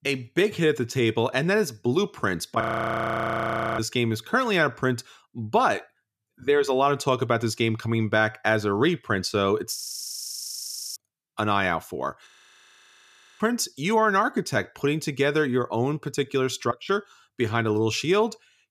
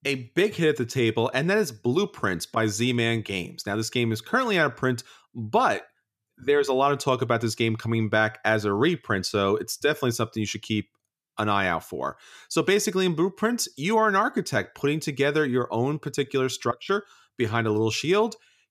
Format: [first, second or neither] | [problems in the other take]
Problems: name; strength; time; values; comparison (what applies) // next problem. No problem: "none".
second | audio freezing; at 2.5 s for 1 s, at 10 s for 1 s and at 12 s for 1 s